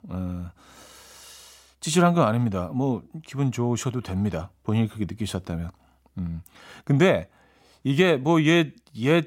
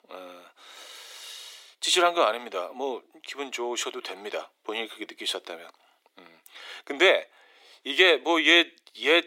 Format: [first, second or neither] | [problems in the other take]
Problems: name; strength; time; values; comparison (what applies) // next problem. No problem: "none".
first | thin; very; fading below 350 Hz